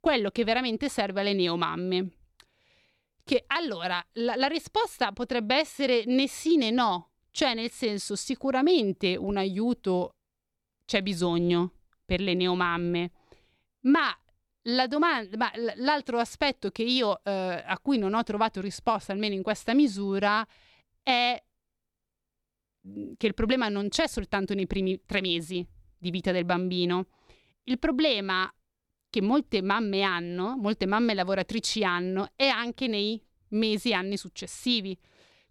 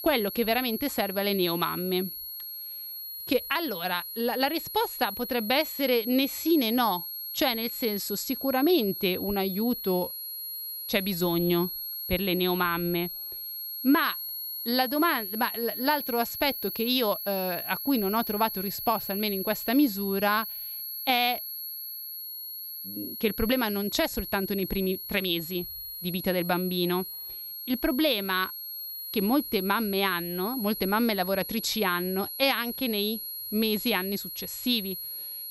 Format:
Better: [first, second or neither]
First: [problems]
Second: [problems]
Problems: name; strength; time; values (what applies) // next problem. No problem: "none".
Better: first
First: none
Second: high-pitched whine; loud; throughout; 11.5 kHz, 6 dB below the speech